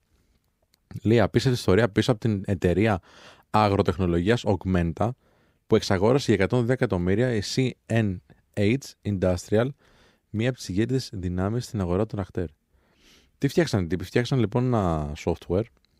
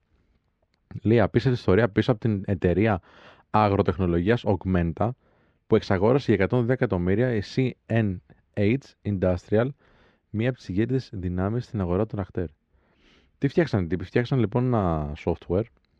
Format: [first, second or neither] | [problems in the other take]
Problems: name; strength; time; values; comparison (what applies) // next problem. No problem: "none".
first | muffled; slightly; fading above 3 kHz